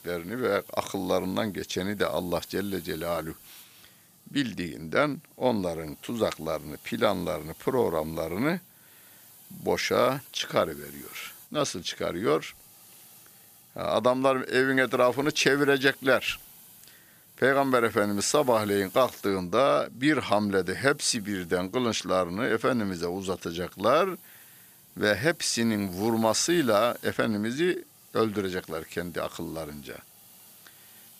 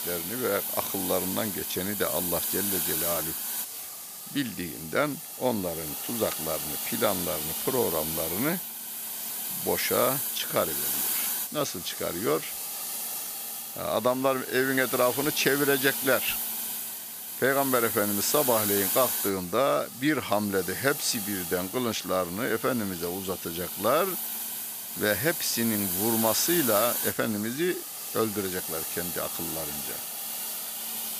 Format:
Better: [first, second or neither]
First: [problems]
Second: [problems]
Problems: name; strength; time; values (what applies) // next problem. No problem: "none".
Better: first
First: hiss; faint; throughout; 20 dB below the speech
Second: hiss; loud; throughout; 1 dB below the speech